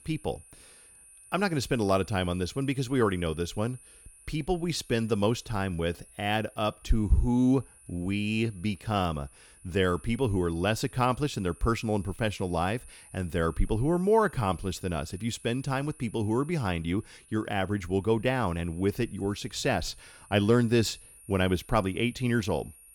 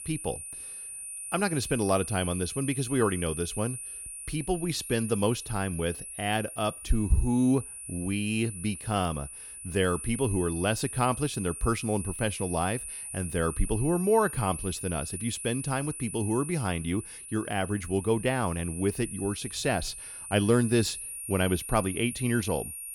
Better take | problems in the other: first | high-pitched whine; loud; throughout; 9.5 kHz, 8 dB below the speech; faint in the first

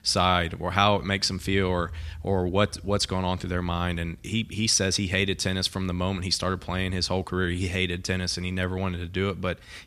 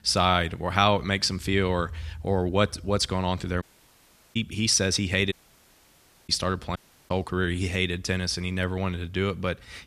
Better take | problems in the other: first | audio cutting out; at 3.5 s for 0.5 s, at 5.5 s for 1 s and at 7 s

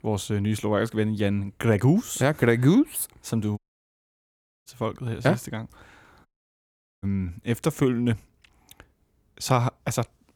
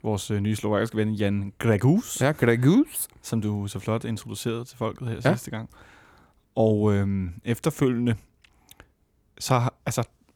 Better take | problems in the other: second | audio cutting out; at 3.5 s for 1 s and at 6.5 s for 1 s

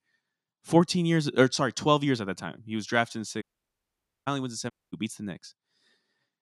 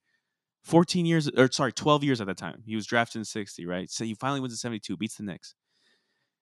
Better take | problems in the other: second | audio cutting out; at 3.5 s for 1 s and at 4.5 s

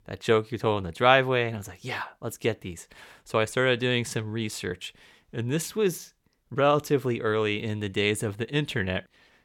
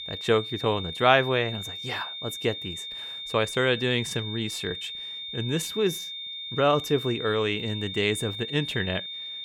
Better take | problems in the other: first | high-pitched whine; loud; throughout; 3.5 kHz, 7 dB below the speech

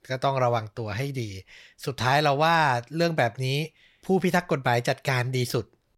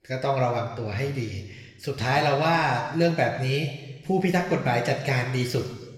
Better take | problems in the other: first | room echo; slight; dies away in 1.3 s // off-mic speech; somewhat distant

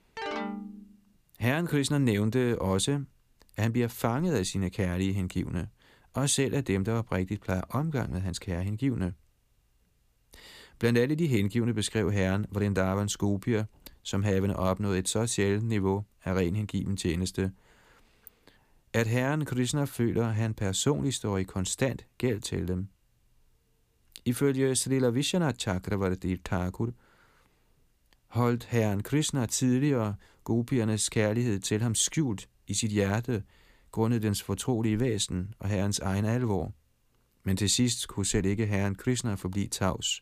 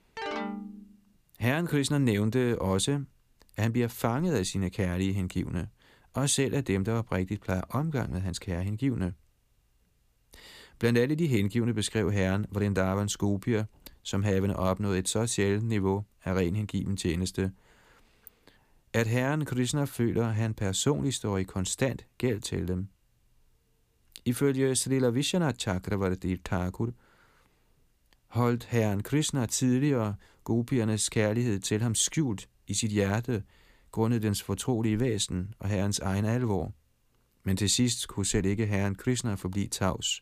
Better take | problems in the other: neither | phone ringing; noticeable; at the start; peak 5 dB below the speech; the same in both

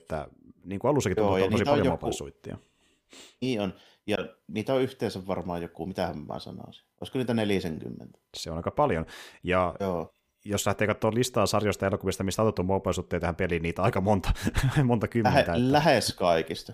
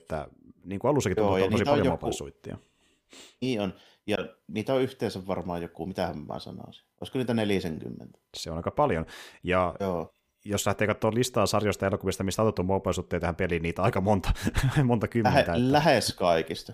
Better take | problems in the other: neither | none

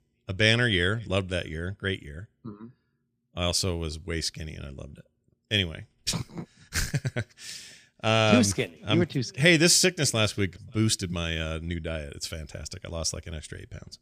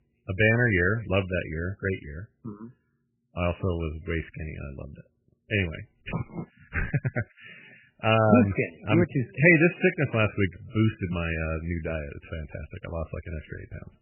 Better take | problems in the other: first | garbled, watery; badly; nothing above 2.5 kHz

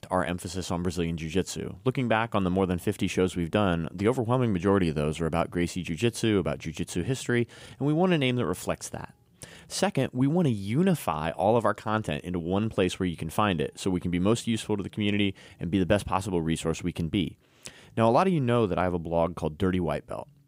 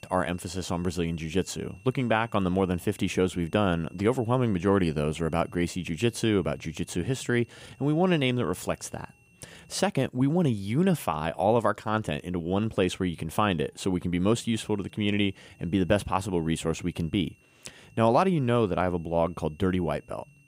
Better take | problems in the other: first | high-pitched whine; faint; until 10 s and from 14 s on; 2.5 kHz, 30 dB below the speech

